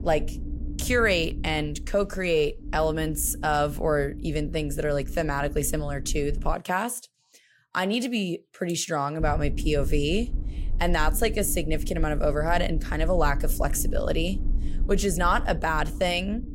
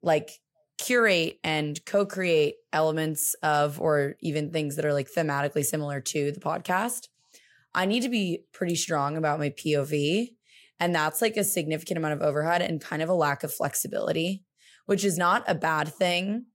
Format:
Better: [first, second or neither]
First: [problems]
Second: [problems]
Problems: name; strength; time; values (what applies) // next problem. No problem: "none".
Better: second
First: low rumble; noticeable; until 6.5 s and from 9 s on; 20 dB below the speech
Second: none